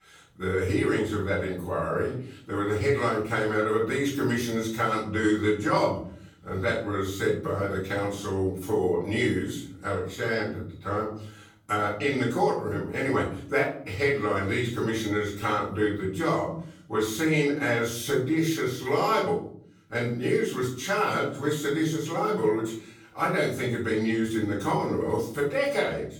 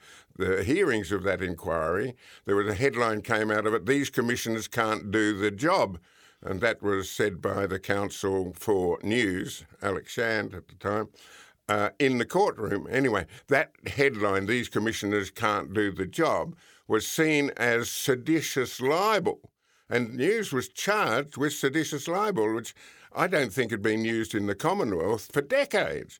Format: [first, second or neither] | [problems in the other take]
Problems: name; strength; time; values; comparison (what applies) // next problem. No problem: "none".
second | off-mic speech; far // room echo; noticeable; dies away in 0.6 s